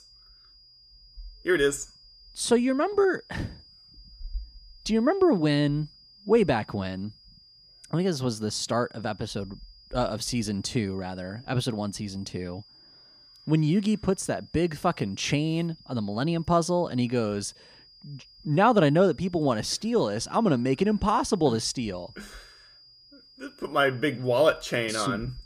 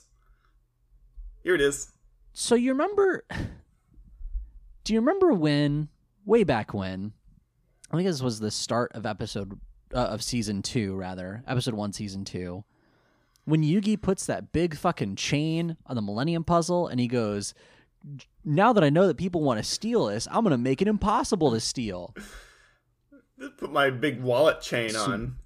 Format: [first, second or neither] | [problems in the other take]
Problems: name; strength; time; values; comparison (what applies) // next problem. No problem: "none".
second | high-pitched whine; faint; throughout; 5 kHz, 25 dB below the speech